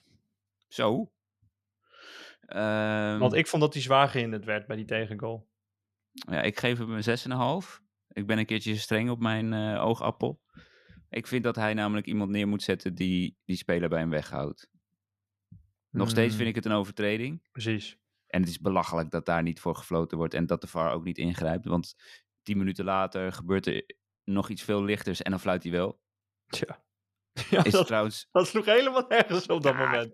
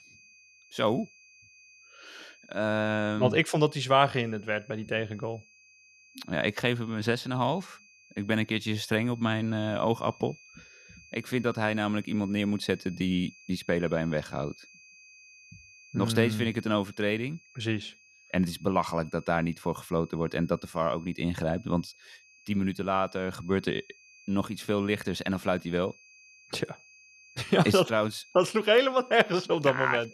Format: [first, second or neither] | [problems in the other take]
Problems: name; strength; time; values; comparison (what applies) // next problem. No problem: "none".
first | high-pitched whine; faint; throughout; 2.5 kHz, 25 dB below the speech